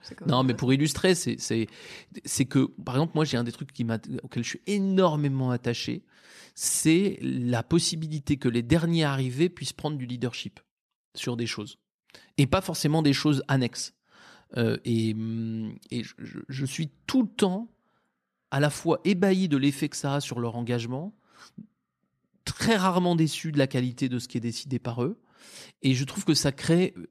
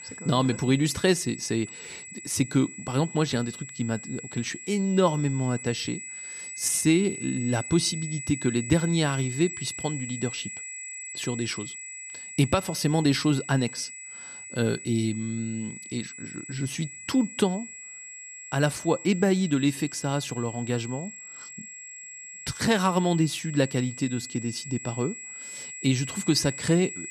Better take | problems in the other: first | high-pitched whine; noticeable; throughout; 8 kHz, 10 dB below the speech

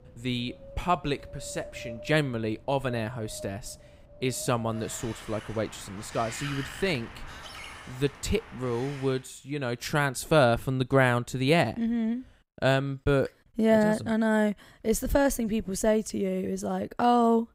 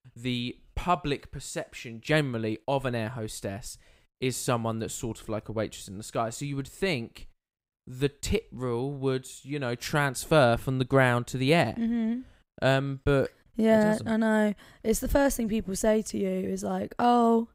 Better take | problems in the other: second | wind in the background; noticeable; until 9 s; 15 dB below the speech

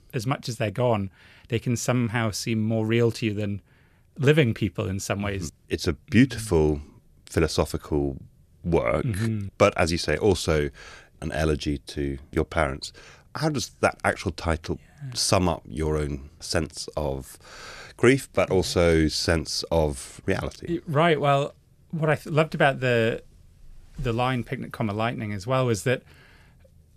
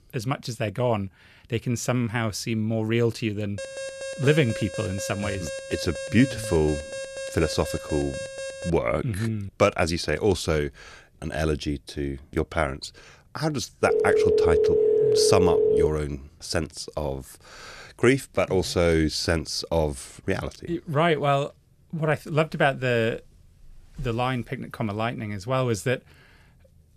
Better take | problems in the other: first | alarm; noticeable; from 3.5 to 8.5 s; peak 8 dB below the speech // phone ringing; loud; from 14 to 16 s; peak 6 dB above the speech

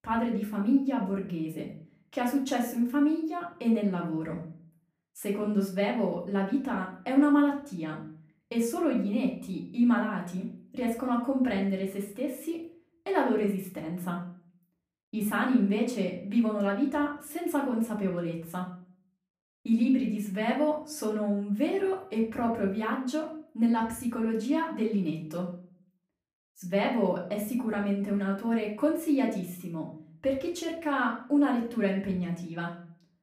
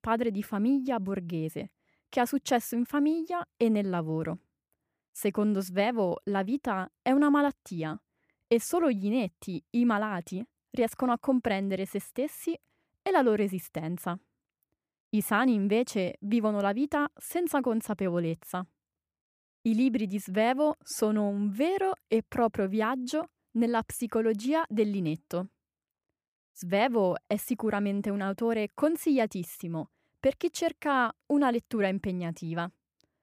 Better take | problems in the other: second | off-mic speech; far // room echo; slight; dies away in 0.4 s

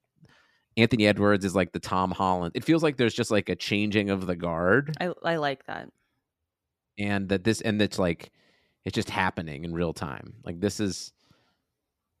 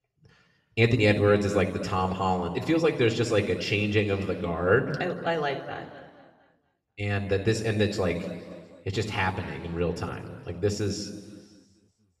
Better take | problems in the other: first | room echo; noticeable; dies away in 1.8 s // off-mic speech; somewhat distant

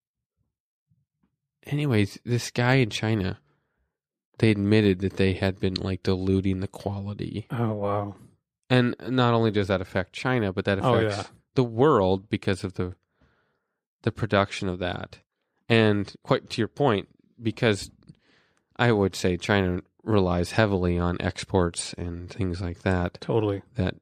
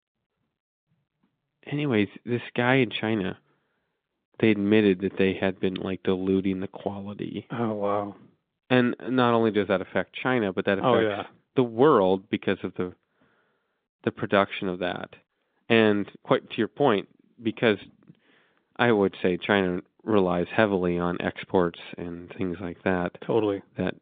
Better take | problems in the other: first | phone-call audio; nothing above 3.5 kHz

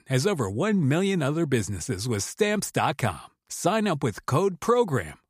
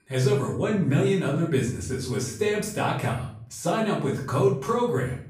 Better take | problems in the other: first | off-mic speech; far // room echo; noticeable; dies away in 0.5 s

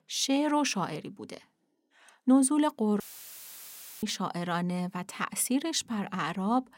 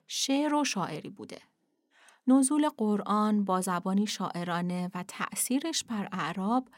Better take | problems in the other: second | audio cutting out; filled with static; at 3 s for 1 s

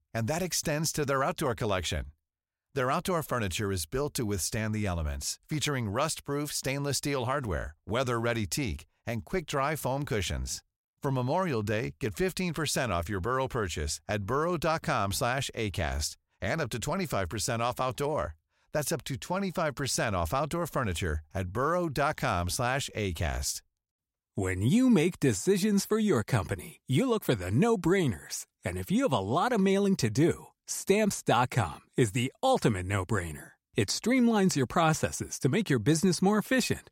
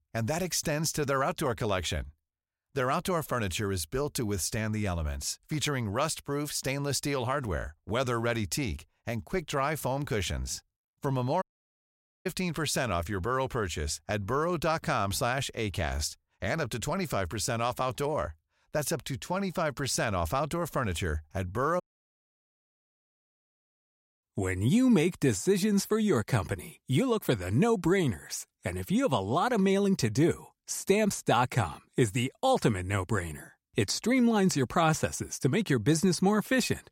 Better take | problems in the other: first | audio cutting out; at 11 s for 1 s and at 22 s for 2.5 s

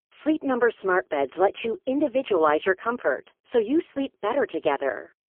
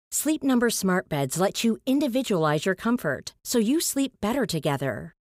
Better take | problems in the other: second | phone-call audio; poor line; nothing above 3.5 kHz

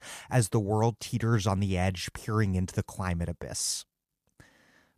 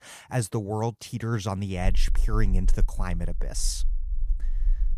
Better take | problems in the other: first | low rumble; faint; from 2 s on; 25 dB below the speech

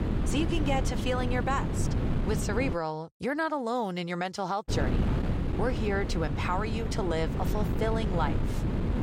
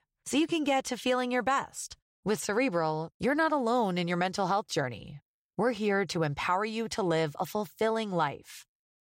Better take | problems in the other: second | wind noise on the microphone; heavy; until 2.5 s and from 4.5 s on; 6 dB below the speech

